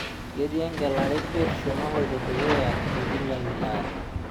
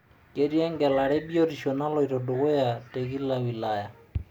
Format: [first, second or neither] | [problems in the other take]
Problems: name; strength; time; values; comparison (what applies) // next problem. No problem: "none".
second | background sound (Hammer); as loud as the speech